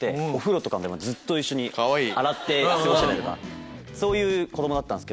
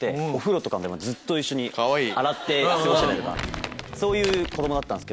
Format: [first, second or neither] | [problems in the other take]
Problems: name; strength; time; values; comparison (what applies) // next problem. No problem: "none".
first | background sound (Crumpling, crinkling); 10 dB below the speech